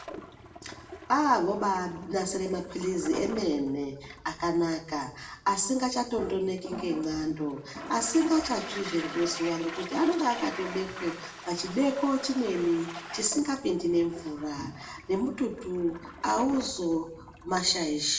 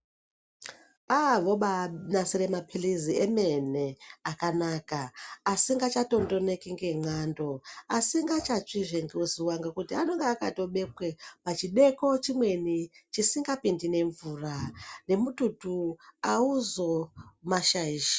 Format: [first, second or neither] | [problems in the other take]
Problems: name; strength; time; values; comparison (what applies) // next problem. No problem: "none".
second | background sound (Toilet flush); 14 dB below the speech // room echo; dies away in 0.6 s